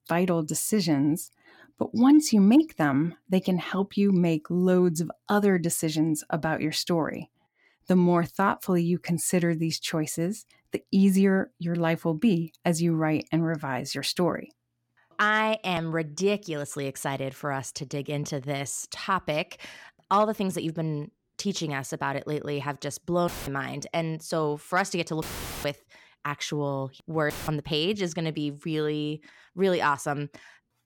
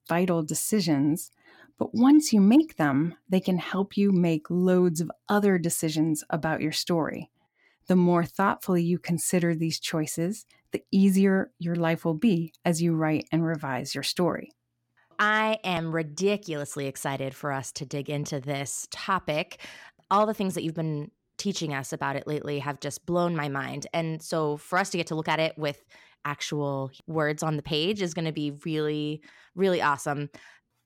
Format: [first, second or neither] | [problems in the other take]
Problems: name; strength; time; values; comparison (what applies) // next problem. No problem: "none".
second | audio cutting out; filled with static; at 23 s, at 25 s and at 27 s